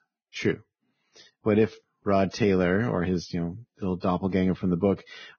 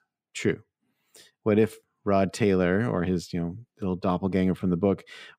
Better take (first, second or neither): second